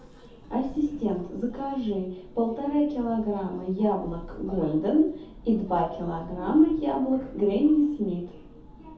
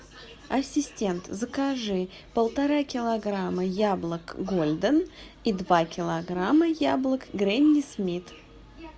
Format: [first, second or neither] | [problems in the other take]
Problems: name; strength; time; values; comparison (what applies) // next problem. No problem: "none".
second | background sound (Thunder); 19 dB below the speech // room echo; dies away in 0.5 s